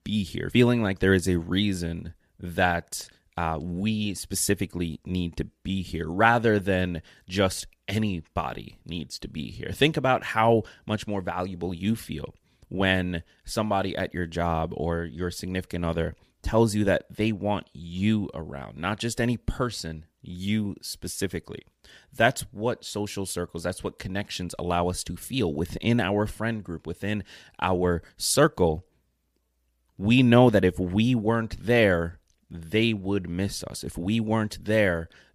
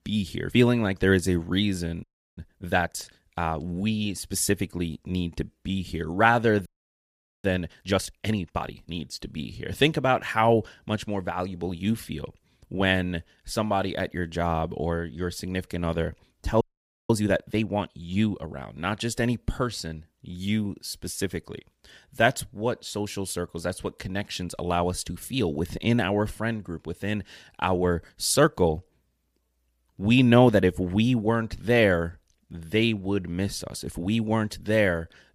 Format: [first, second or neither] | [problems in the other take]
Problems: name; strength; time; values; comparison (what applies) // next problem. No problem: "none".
first | audio freezing; at 2 s, at 6.5 s for 1 s and at 17 s